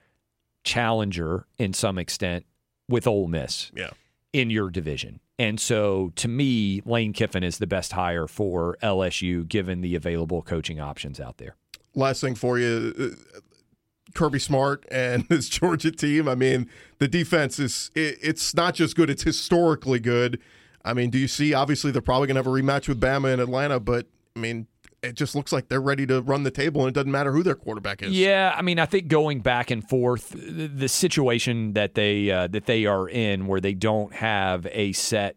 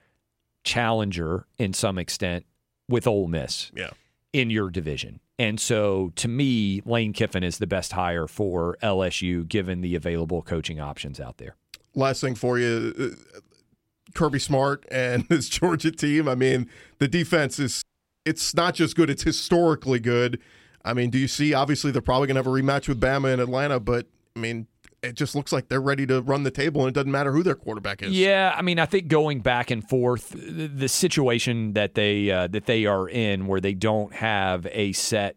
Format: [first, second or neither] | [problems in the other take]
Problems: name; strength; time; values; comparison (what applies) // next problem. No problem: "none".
first | audio cutting out; at 18 s